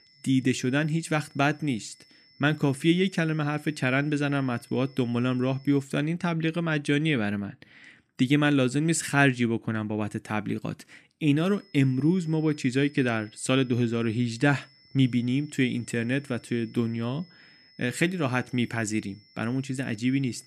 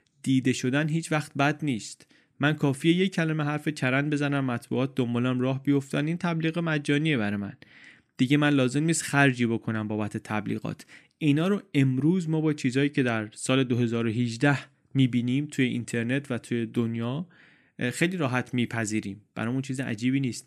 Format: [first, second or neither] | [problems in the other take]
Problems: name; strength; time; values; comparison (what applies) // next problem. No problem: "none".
second | high-pitched whine; faint; until 6 s and from 11 s on; 5.5 kHz, 30 dB below the speech